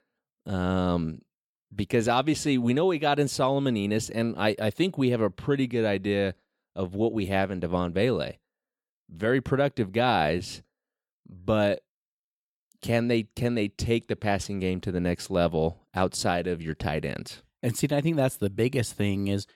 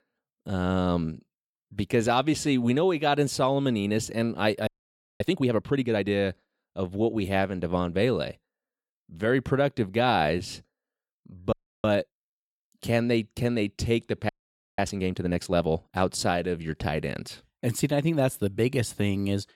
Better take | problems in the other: first | audio freezing; at 4.5 s for 0.5 s, at 12 s and at 14 s

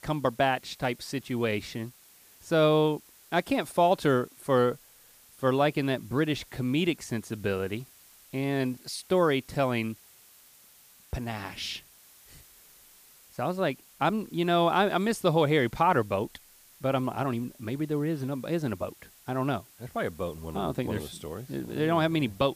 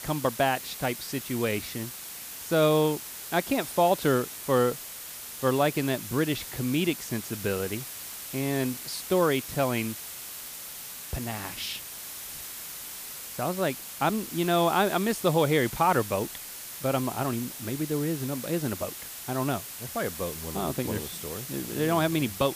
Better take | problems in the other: first | hiss; loud; throughout; 9 dB below the speech; faint in the first

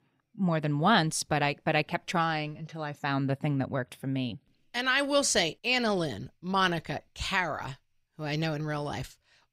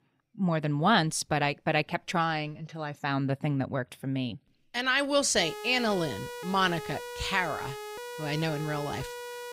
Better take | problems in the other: first | siren; faint; from 5.5 s on; peak 10 dB below the speech

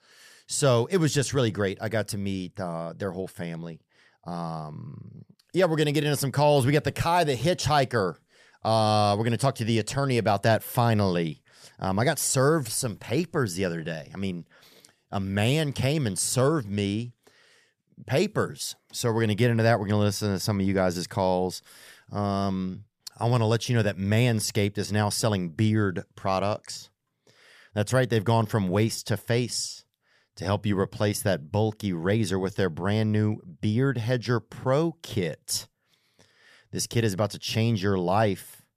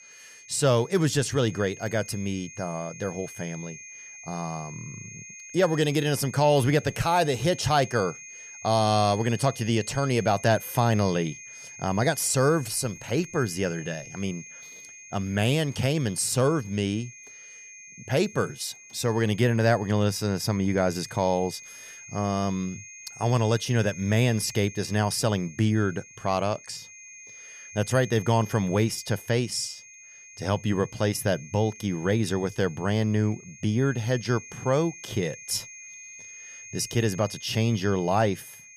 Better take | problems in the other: first | high-pitched whine; noticeable; throughout; 6.5 kHz, 15 dB below the speech

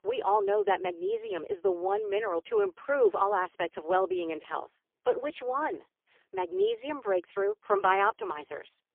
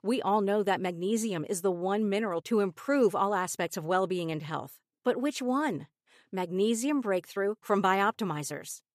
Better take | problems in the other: second | phone-call audio; poor line; nothing above 3.5 kHz

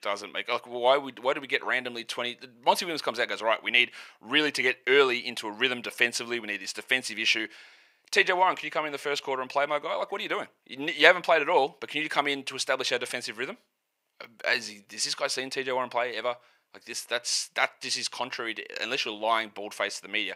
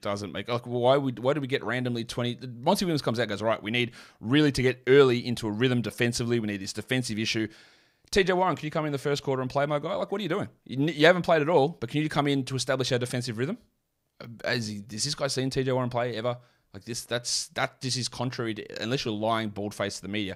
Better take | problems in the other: second | thin; somewhat; fading below 450 Hz

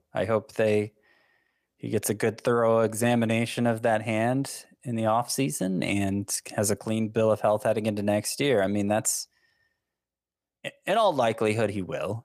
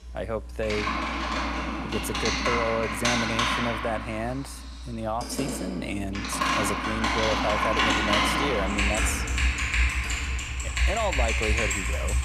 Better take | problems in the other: first | household noises; very loud; throughout; 5 dB above the speech

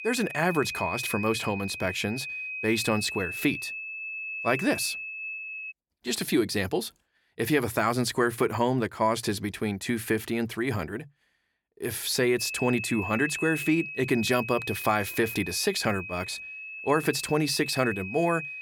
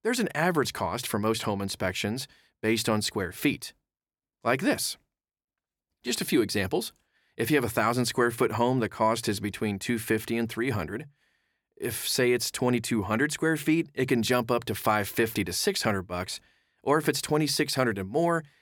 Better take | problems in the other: second | high-pitched whine; loud; until 5.5 s and from 12 s on; 2.5 kHz, 7 dB below the speech

